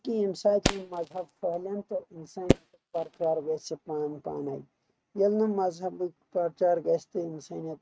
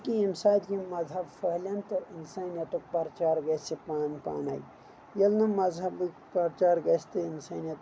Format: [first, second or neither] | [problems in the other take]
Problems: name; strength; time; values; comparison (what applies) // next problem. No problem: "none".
second | noise reduction (neural mask model RNNoise)